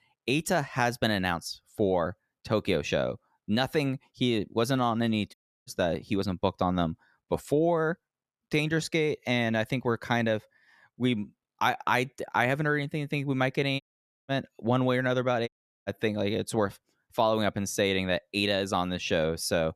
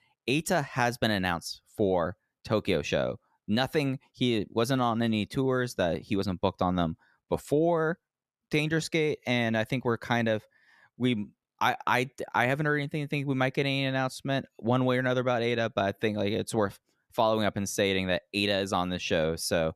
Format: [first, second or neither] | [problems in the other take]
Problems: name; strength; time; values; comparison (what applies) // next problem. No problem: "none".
second | audio cutting out; at 5.5 s, at 14 s and at 15 s